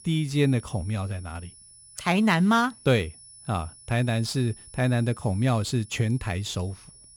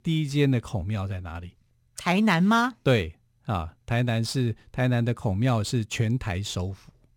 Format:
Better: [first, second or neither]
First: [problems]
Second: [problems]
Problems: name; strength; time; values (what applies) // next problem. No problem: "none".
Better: second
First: high-pitched whine; faint; throughout; 10 kHz, 20 dB below the speech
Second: none